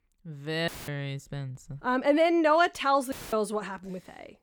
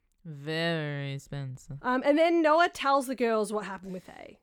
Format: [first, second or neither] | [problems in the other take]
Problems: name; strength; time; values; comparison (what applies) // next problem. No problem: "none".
second | audio cutting out; filled with static; at 0.5 s and at 3 s